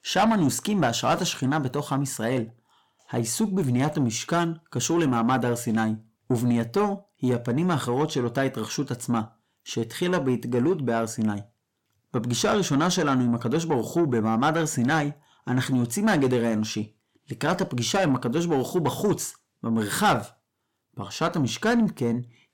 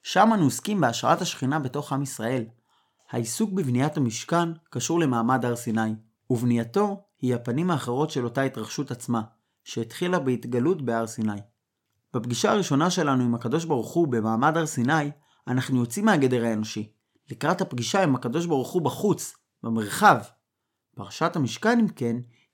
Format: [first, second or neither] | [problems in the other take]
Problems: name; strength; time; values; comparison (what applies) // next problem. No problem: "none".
second | distortion; slight; 10 dB below the speech